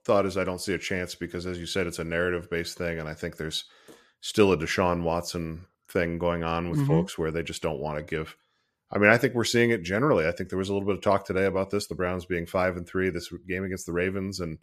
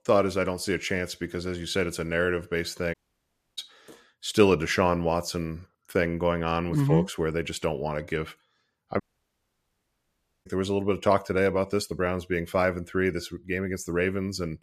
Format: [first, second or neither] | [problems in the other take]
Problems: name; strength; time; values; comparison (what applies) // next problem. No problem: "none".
first | audio cutting out; at 3 s for 0.5 s and at 9 s for 1.5 s